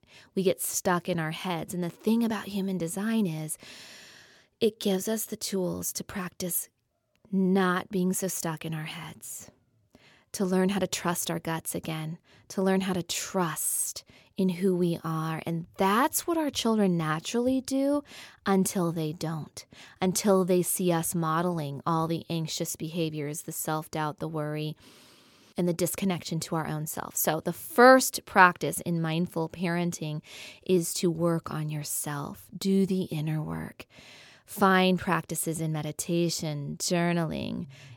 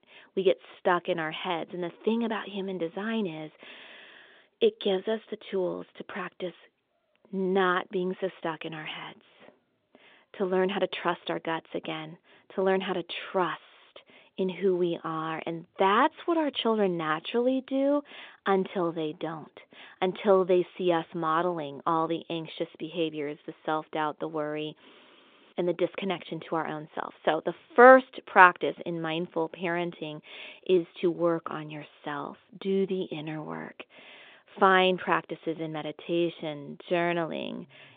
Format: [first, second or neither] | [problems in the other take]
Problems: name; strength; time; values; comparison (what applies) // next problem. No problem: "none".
first | phone-call audio